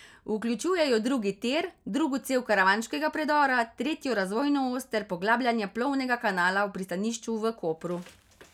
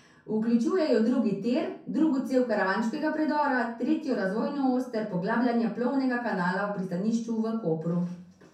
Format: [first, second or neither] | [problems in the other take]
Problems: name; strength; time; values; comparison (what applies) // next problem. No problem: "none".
first | room echo; dies away in 0.5 s